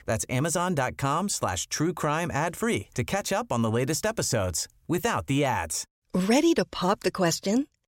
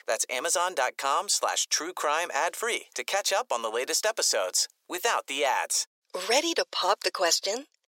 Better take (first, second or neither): first